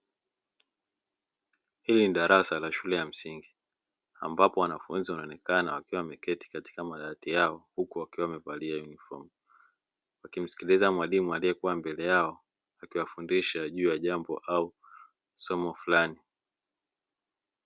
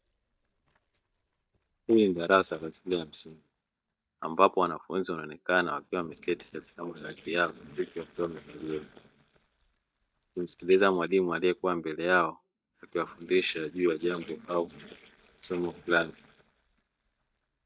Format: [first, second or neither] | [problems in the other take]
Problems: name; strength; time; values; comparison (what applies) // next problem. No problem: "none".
first | noise reduction (neural mask model DeepFilterNet 3)